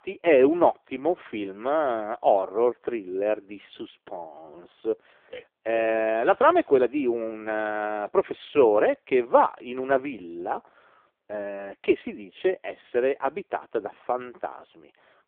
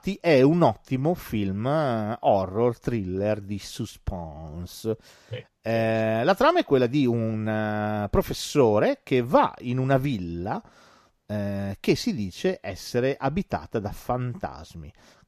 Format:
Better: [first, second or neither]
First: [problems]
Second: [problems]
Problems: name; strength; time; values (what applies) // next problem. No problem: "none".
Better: second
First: phone-call audio; poor line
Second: none